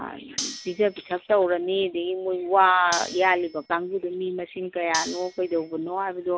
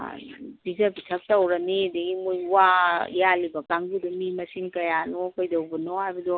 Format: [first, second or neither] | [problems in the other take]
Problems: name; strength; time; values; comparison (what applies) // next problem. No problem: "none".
second | background sound (Cutlery, silverware); 13 dB below the speech